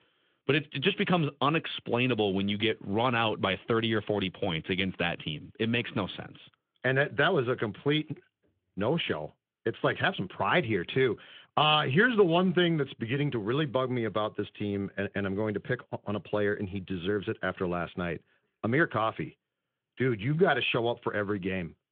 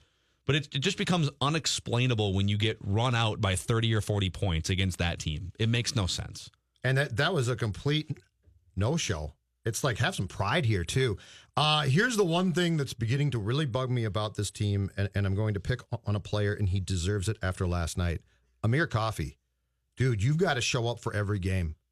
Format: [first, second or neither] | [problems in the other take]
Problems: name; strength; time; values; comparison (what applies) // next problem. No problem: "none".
second | phone-call audio; nothing above 3.5 kHz